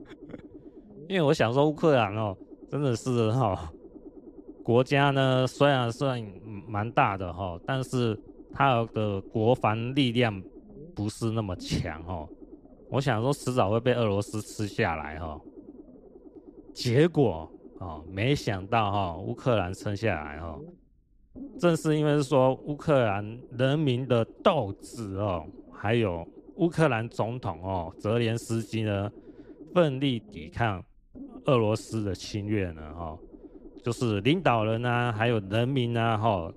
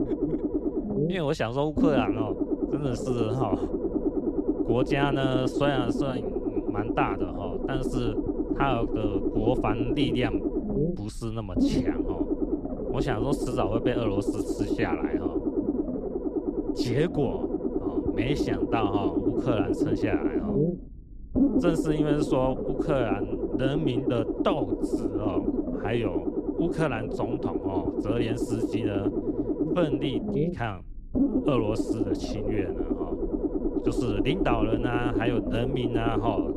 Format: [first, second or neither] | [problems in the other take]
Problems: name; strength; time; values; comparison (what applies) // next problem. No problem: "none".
first | low rumble; loud; throughout; as loud as the speech; faint in the first